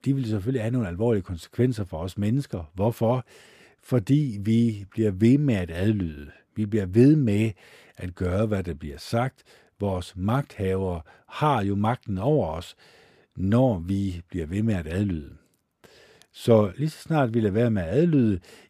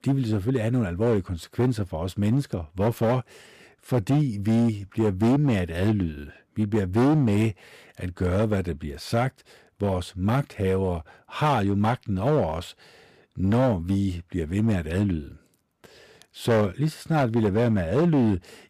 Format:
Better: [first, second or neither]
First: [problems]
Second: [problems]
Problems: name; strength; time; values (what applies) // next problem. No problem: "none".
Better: first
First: none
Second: distortion; slight; 8% of the sound clipped